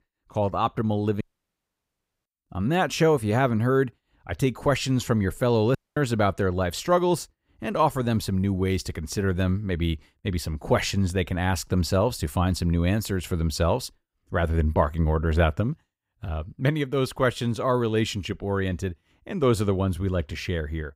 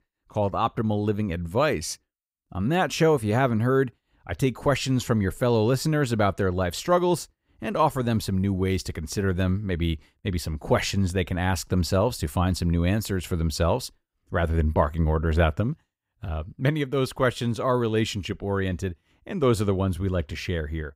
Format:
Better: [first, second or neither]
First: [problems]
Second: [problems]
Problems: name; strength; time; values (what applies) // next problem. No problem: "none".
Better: second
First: audio cutting out; at 1 s for 1 s and at 6 s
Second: none